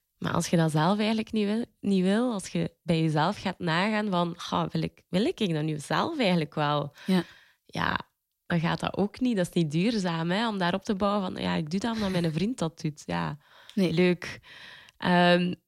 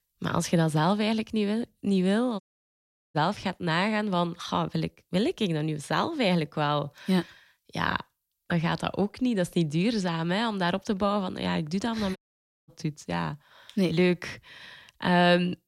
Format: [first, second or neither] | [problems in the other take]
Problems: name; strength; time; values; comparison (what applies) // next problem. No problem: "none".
first | audio cutting out; at 2.5 s for 0.5 s and at 12 s for 0.5 s